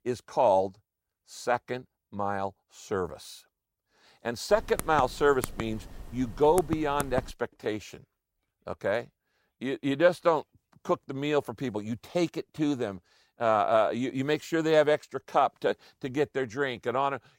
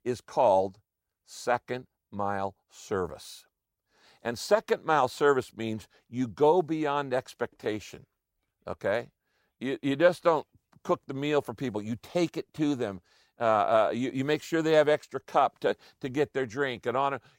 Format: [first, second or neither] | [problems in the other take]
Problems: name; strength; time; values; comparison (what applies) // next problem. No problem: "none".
second | keyboard typing; noticeable; from 4.5 to 7.5 s; peak 8 dB below the speech